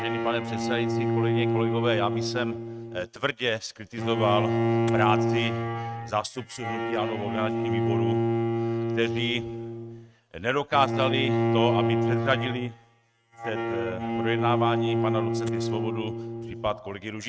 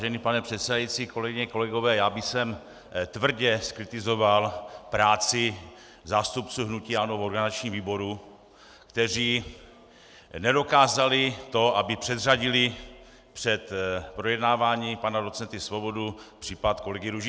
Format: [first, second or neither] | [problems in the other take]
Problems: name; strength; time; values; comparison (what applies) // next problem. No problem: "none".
second | noise reduction (neural mask model RNNoise)